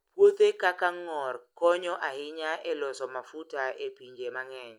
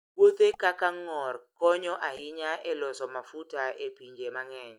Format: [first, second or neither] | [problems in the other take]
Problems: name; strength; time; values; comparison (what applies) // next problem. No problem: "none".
first | noise reduction (neural mask model DeepFilterNet 3)